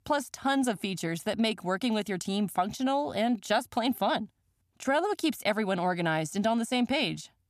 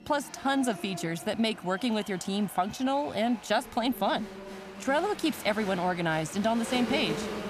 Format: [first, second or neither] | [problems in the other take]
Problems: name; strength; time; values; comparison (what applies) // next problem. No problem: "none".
first | crowd noise; noticeable; throughout; 10 dB below the speech